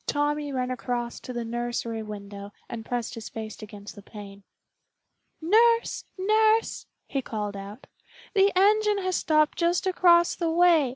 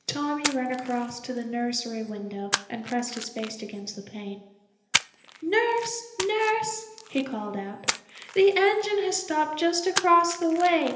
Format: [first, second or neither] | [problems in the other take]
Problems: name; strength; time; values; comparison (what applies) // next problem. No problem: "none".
first | background sound (Splash, splatter); 10 dB below the speech // room echo; dies away in 1.4 s